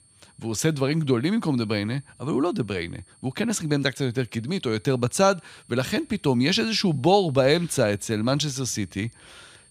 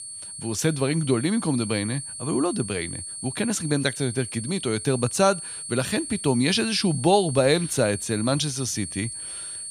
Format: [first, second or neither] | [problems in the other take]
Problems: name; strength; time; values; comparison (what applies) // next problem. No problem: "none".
first | high-pitched whine; loud; throughout; 8.5 kHz, 8 dB below the speech; faint in the first